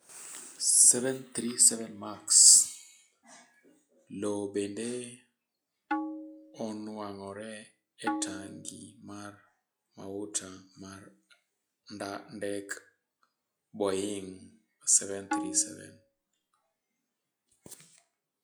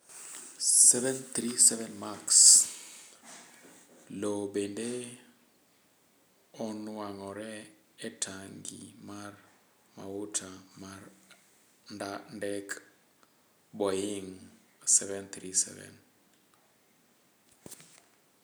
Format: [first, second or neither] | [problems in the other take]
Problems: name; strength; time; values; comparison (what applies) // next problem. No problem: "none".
second | noise reduction (classical method log-MMSE)